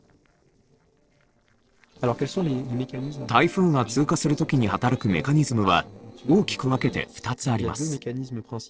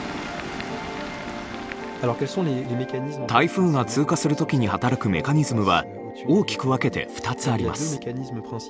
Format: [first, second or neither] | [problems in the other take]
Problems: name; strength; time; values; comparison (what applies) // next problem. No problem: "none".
second | noise reduction (neural separator model SepFormer DNS4)